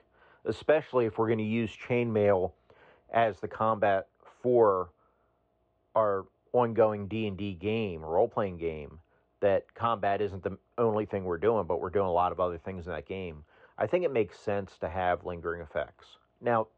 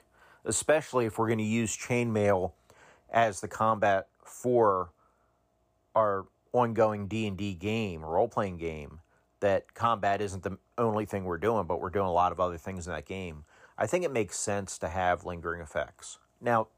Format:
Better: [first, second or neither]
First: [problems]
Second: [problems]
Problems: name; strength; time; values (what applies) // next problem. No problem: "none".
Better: second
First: muffled; very; fading above 3.5 kHz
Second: none